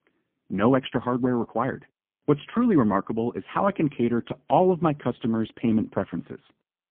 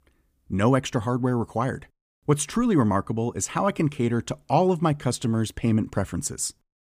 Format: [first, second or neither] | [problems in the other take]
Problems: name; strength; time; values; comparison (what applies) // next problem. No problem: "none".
second | phone-call audio; poor line; nothing above 3.5 kHz